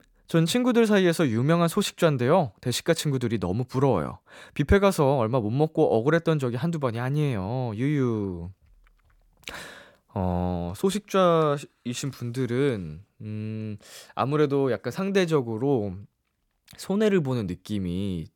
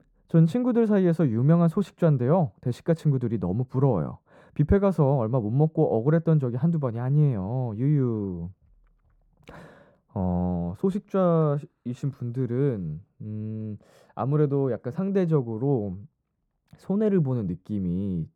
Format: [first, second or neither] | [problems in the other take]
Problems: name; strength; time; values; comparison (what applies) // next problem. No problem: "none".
first | muffled; very; fading above 1.5 kHz